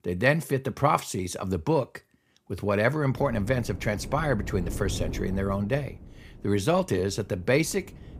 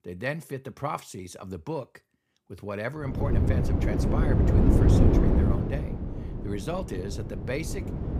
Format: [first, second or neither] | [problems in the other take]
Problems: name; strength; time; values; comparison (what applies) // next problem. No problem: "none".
first | wind noise on the microphone; heavy; from 3 s on; 4 dB above the speech; occasional gusts in the first